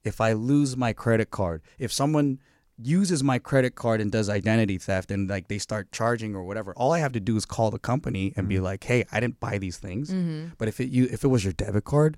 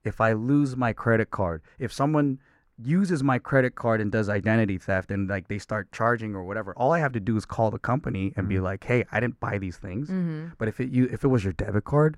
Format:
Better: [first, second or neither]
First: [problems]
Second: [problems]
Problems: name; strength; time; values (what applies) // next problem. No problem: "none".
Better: first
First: none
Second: muffled; slightly; fading above 3 kHz